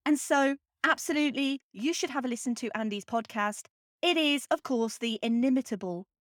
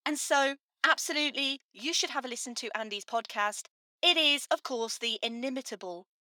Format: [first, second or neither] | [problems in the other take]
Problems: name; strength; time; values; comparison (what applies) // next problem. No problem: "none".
first | thin; somewhat; fading below 500 Hz